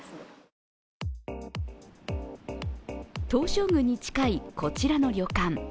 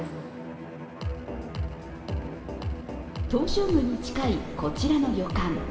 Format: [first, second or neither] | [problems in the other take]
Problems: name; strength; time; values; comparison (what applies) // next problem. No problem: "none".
first | background sound (Bowed string instrument); 11 dB below the speech // room echo; dies away in 2.2 s